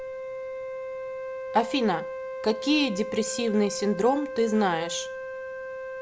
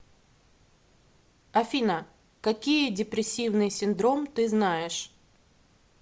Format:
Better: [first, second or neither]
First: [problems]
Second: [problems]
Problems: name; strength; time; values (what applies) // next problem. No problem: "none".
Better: second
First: background sound (Wind instrument, woodwind instrument); 7 dB below the speech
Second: none